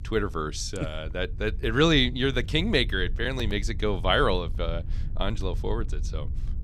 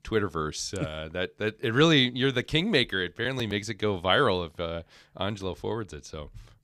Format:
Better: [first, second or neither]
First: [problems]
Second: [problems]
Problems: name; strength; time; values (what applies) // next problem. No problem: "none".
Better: second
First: low rumble; faint; throughout; 25 dB below the speech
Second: none